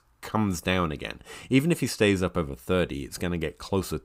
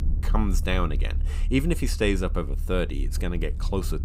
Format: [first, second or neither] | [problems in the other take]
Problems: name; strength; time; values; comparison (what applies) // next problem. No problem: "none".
first | low rumble; noticeable; throughout; 20 dB below the speech